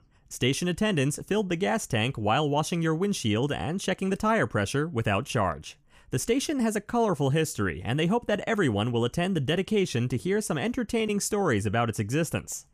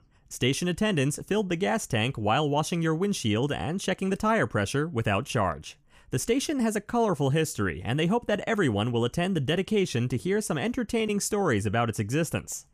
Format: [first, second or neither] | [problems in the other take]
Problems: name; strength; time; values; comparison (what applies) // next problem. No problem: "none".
neither | none